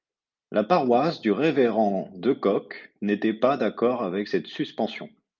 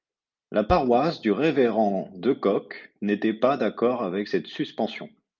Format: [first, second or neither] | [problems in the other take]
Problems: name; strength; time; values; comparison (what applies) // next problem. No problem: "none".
first | background sound (Bass drum); 16 dB below the speech